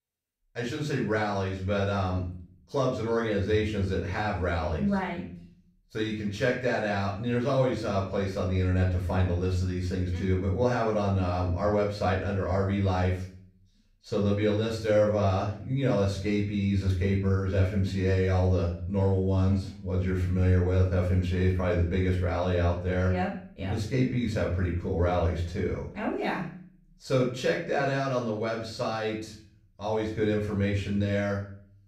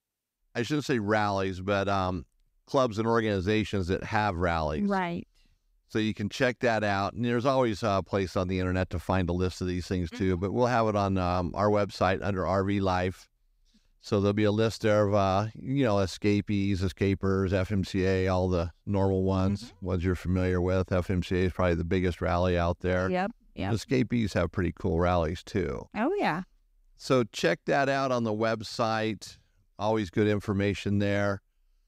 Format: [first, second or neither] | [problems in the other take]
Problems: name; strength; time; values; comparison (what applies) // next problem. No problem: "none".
second | off-mic speech; far // room echo; noticeable; dies away in 0.5 s